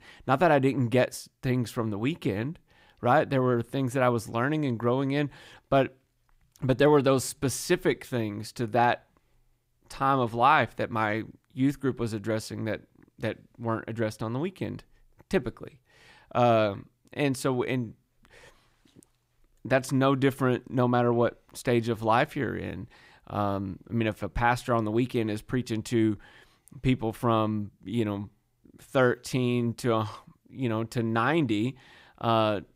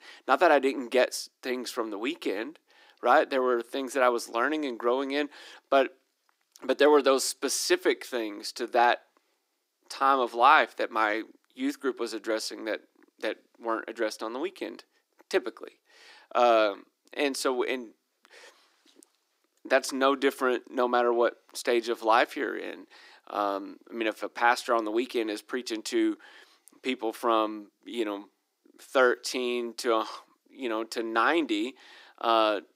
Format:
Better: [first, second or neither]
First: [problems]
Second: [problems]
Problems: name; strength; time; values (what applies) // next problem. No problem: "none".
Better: first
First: none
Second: thin; somewhat; fading below 300 Hz